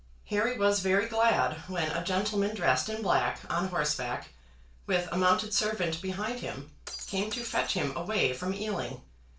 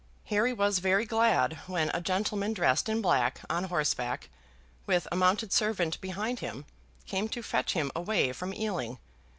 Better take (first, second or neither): second